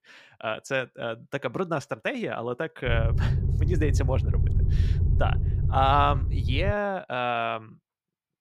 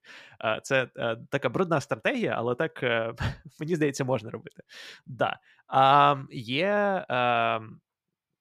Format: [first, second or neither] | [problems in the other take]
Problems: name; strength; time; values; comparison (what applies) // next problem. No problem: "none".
second | low rumble; noticeable; from 3 to 6.5 s; 15 dB below the speech